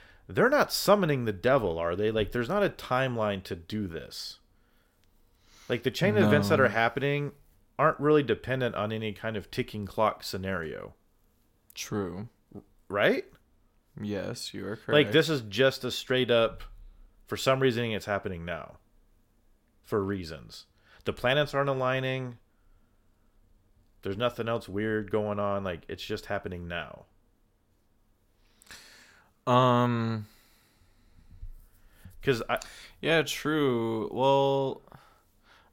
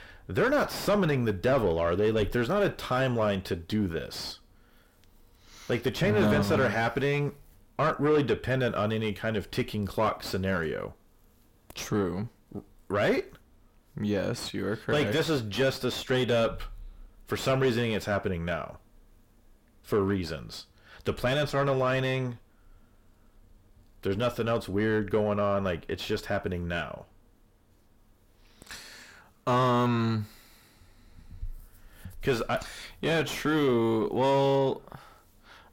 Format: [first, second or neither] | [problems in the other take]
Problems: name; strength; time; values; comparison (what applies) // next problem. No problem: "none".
first | distortion; heavy; 6 dB below the speech